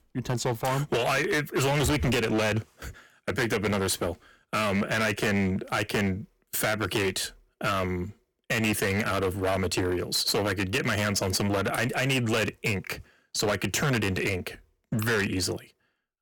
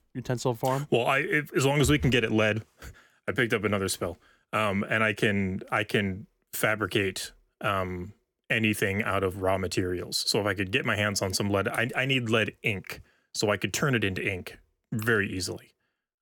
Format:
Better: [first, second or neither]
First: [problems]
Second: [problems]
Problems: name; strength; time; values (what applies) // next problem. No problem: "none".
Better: second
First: distortion; heavy; 16% of the sound clipped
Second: none